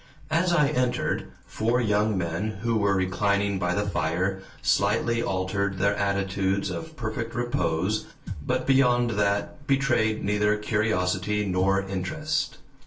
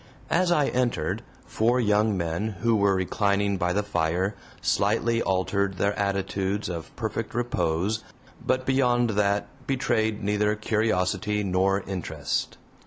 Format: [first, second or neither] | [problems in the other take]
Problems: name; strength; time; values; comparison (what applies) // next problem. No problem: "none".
second | noise reduction (neural separator model SepFormer DNS4)